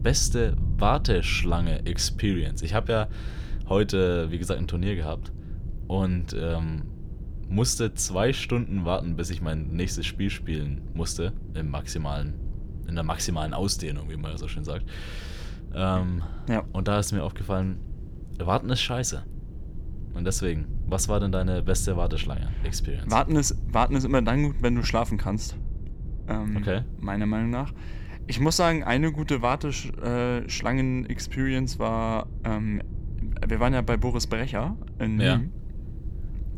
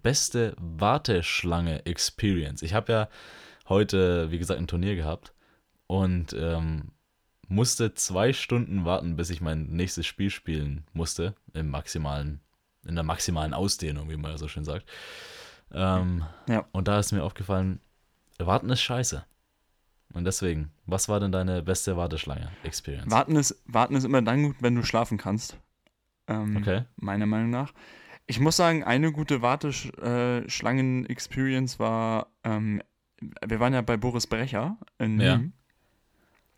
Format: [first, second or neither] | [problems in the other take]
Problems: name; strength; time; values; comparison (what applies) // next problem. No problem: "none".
second | low rumble; faint; throughout; 20 dB below the speech